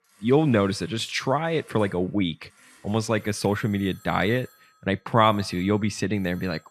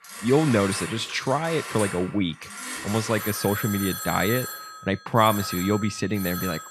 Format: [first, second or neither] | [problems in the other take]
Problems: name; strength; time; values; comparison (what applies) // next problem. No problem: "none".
first | alarms or sirens; loud; throughout; 8 dB below the speech; faint in the first